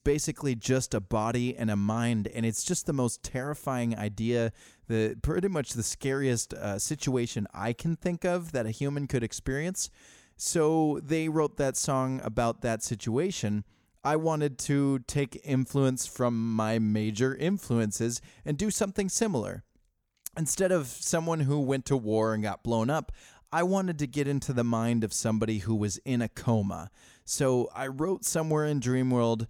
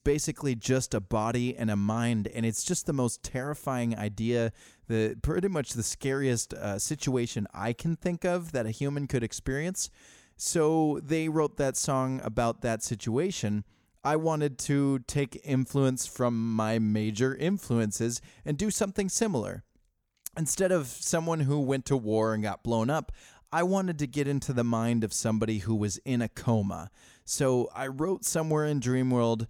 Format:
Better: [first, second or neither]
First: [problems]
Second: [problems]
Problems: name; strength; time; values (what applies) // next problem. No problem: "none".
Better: neither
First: none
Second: none